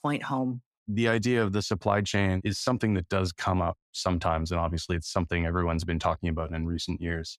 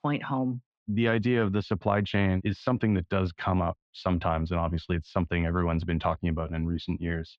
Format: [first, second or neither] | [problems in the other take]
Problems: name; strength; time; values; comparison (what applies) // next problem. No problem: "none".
first | muffled; slightly; fading above 3.5 kHz